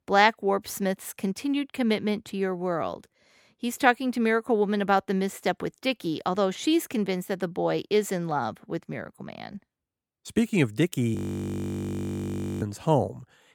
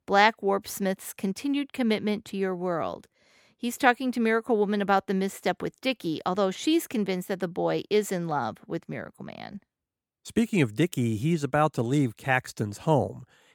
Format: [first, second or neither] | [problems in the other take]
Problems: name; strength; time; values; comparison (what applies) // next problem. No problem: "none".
second | audio freezing; at 11 s for 1.5 s